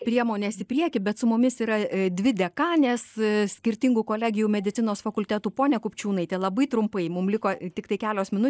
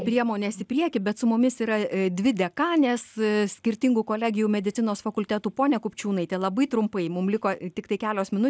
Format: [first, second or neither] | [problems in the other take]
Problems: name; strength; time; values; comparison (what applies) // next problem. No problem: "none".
second | noise reduction (neural mask model Resemble Enhance denoiser)